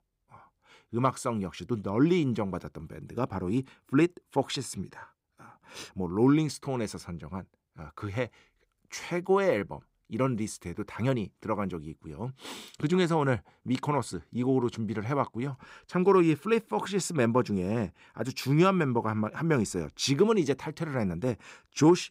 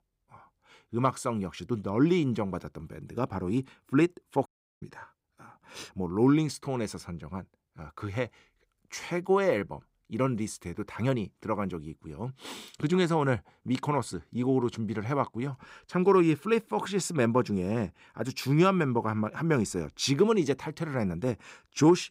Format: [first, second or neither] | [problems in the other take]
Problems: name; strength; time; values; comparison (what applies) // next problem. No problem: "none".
first | audio cutting out; at 4.5 s